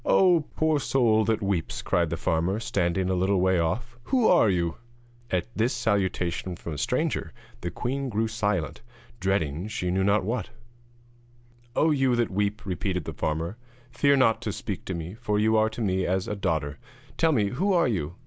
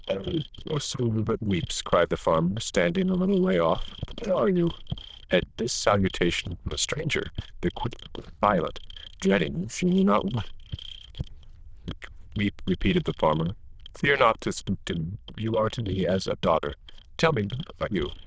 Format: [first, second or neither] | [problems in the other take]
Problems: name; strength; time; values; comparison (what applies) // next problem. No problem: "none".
first | noise reduction (neural diffusion model UNIVERSE++)